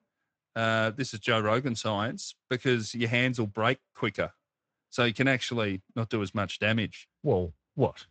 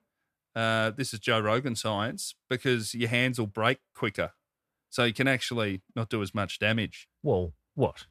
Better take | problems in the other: second | garbled, watery; slightly; nothing above 8 kHz

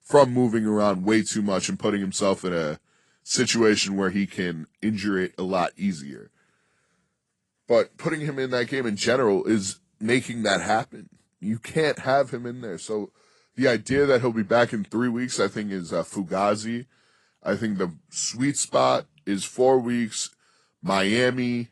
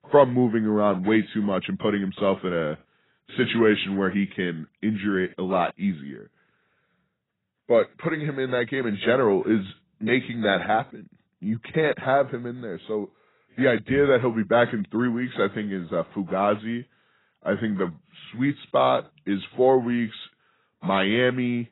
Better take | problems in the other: first | garbled, watery; badly; nothing above 4 kHz; slightly in the first

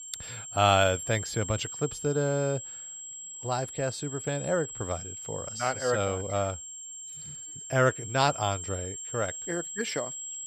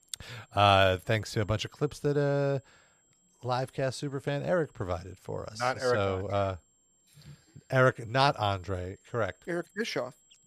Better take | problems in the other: second | high-pitched whine; loud; throughout; 7.5 kHz, 8 dB below the speech; faint in the second

